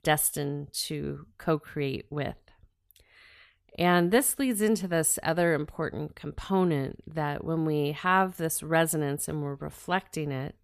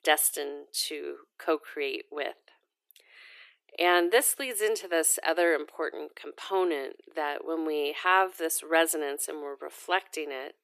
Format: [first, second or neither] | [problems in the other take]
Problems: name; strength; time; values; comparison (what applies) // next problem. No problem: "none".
first | thin; very; fading below 350 Hz